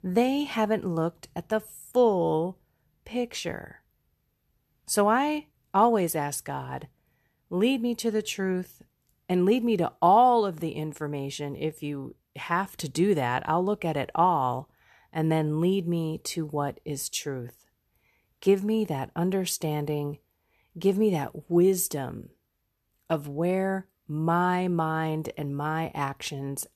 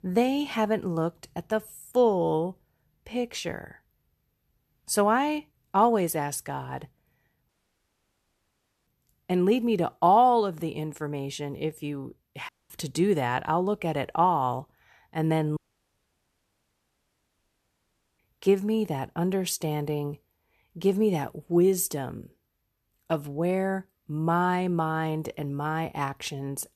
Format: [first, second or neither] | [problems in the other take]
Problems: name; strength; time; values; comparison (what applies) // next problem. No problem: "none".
first | audio cutting out; at 7.5 s for 1.5 s, at 12 s and at 16 s for 2.5 s